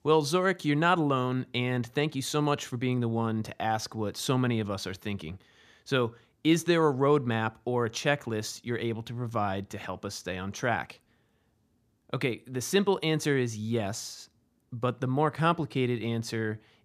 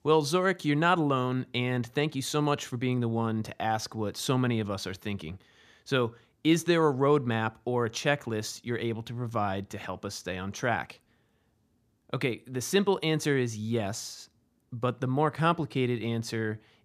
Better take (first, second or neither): neither